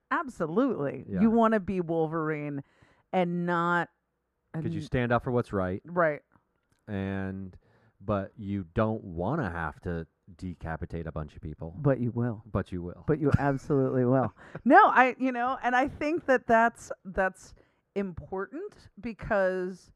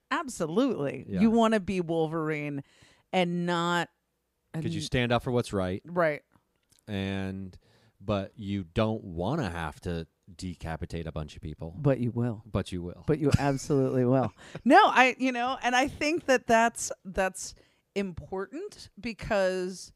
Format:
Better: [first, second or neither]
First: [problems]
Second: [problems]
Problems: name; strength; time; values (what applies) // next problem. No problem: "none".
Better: second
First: muffled; very; fading above 2 kHz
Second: none